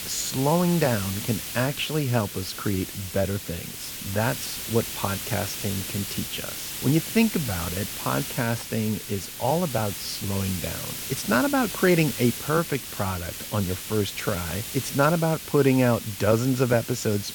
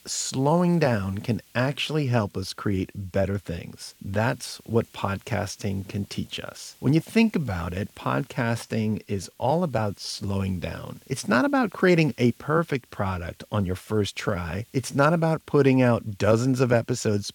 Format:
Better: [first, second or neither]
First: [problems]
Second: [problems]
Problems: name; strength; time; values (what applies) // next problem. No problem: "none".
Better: second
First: hiss; loud; throughout; 6 dB below the speech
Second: hiss; faint; throughout; 30 dB below the speech